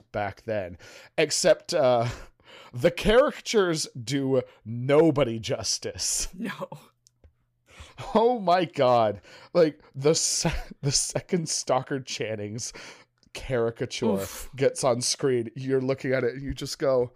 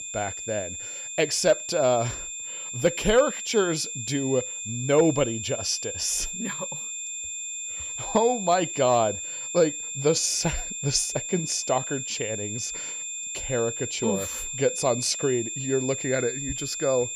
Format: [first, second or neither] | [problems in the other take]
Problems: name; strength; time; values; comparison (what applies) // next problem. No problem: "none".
first | high-pitched whine; loud; throughout; 7.5 kHz, 5 dB below the speech